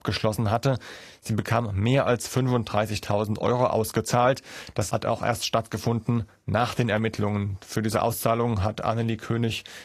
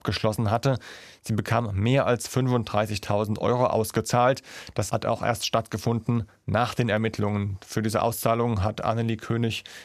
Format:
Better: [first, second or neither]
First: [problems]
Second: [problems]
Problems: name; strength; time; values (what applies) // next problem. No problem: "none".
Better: second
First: garbled, watery; slightly; nothing above 14 kHz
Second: none